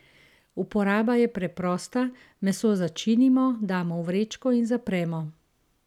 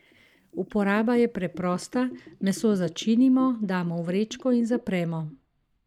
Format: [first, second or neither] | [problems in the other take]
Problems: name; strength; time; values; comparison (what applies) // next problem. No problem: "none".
first | noise reduction (neural mask model DeepFilterNet 3)